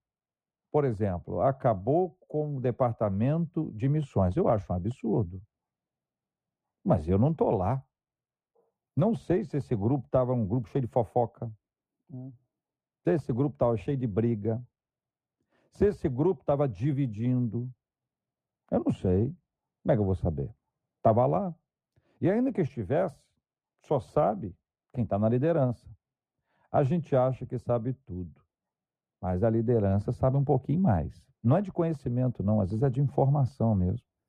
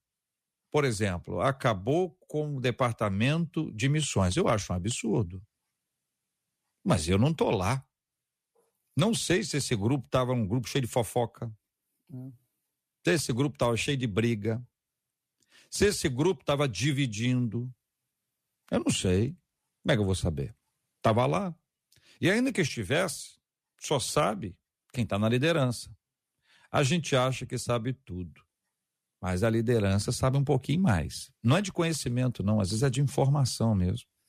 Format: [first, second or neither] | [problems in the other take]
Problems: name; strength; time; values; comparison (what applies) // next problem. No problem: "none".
second | muffled; very; fading above 2 kHz